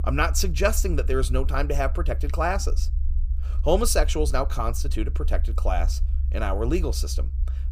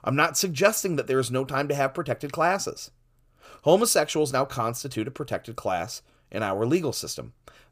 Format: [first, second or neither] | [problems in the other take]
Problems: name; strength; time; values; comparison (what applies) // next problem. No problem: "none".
second | low rumble; faint; throughout; 20 dB below the speech